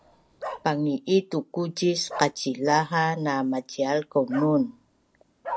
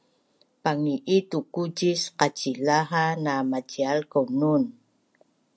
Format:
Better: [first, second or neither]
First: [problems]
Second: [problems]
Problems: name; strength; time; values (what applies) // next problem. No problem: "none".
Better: second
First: background sound (Bark); 14 dB below the speech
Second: none